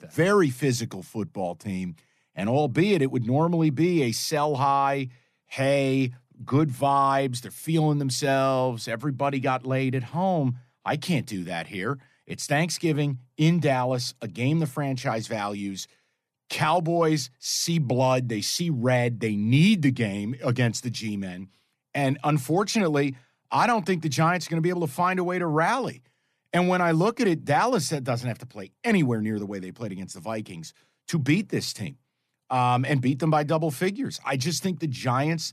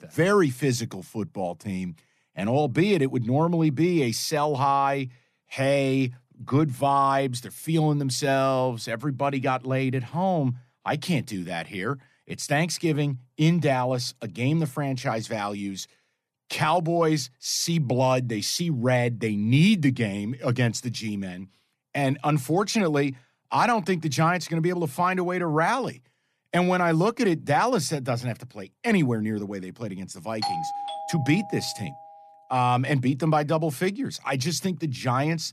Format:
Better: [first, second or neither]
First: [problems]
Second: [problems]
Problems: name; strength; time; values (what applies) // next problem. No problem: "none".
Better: first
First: none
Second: doorbell; noticeable; from 30 to 32 s; peak 4 dB below the speech